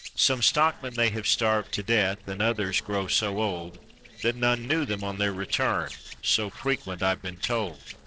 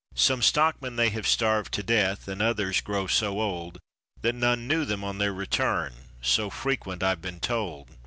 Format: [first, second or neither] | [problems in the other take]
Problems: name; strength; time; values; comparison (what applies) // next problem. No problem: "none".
second | noise reduction (neural separator model SepFormer DNS4)